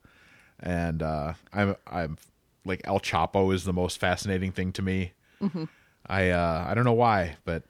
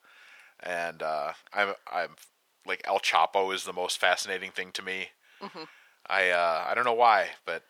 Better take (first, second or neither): first